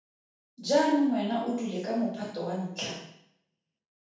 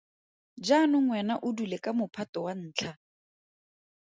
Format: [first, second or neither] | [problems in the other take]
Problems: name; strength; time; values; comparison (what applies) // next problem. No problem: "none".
second | room echo; dies away in 0.7 s